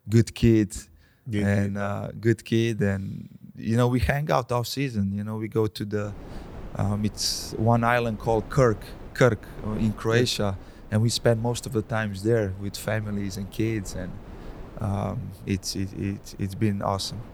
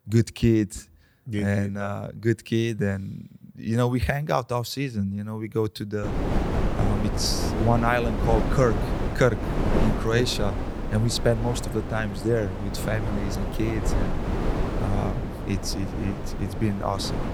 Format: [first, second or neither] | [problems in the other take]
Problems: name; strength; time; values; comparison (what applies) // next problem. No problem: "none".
first | wind noise on the microphone; heavy; from 6 s on; 5 dB below the speech; occasional gusts in the first